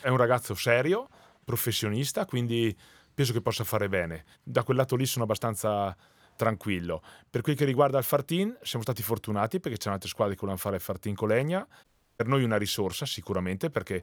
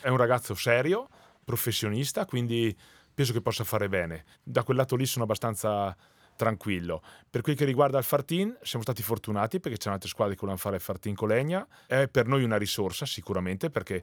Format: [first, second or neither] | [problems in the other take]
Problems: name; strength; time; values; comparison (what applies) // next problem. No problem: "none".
second | audio cutting out; at 12 s